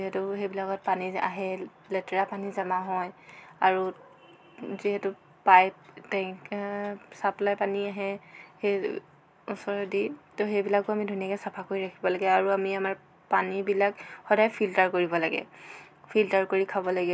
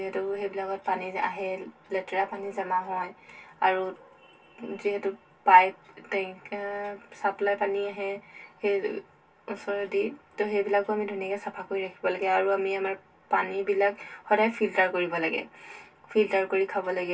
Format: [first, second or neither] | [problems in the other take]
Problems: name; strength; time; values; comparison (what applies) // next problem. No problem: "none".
first | room echo; dies away in 0.1 s